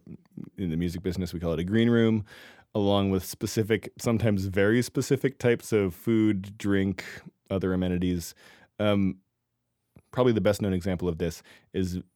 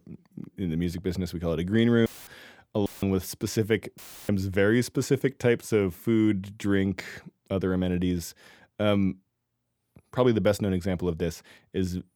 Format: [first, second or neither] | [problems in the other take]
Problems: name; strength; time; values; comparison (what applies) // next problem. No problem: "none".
first | audio cutting out; filled with static; at 2 s, at 3 s and at 4 s